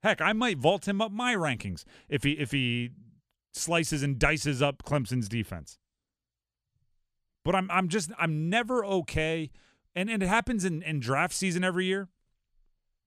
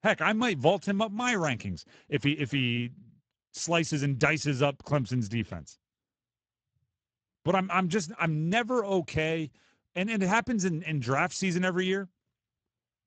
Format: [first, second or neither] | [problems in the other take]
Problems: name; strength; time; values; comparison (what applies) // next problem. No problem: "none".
first | garbled, watery; badly; nothing above 7.5 kHz